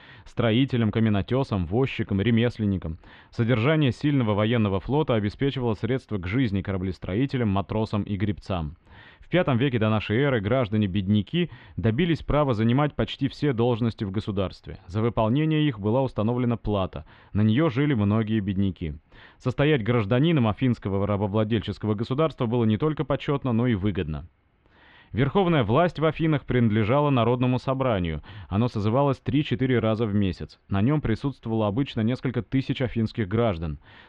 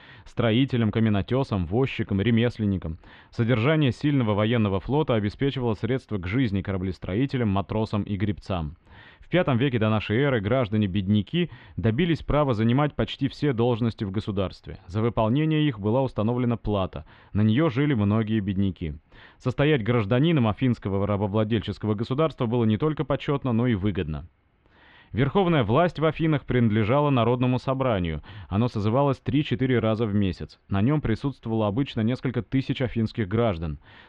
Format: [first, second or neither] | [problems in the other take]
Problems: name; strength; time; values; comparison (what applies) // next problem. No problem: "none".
neither | muffled; very; fading above 3 kHz; the same in both